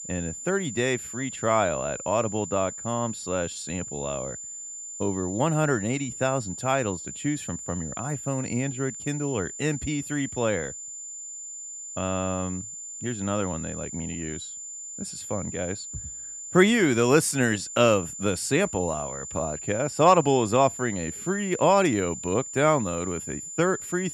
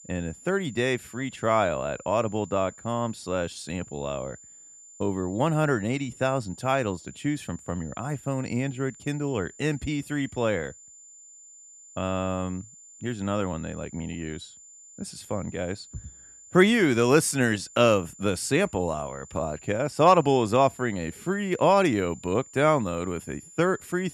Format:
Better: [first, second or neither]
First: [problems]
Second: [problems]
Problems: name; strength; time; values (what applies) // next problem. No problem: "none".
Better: second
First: high-pitched whine; loud; throughout; 7 kHz, 9 dB below the speech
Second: high-pitched whine; faint; throughout; 7 kHz, 20 dB below the speech